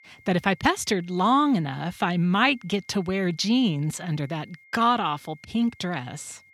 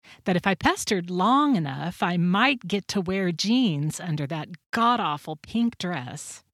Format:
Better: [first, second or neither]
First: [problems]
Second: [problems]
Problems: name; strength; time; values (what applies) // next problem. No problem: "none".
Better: second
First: high-pitched whine; faint; throughout; 2 kHz, 30 dB below the speech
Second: none